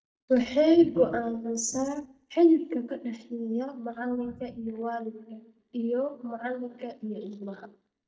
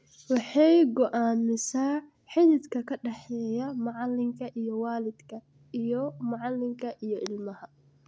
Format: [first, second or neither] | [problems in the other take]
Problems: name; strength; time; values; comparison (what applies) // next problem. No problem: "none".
second | noise reduction (neural mask model DeepFilterNet 3)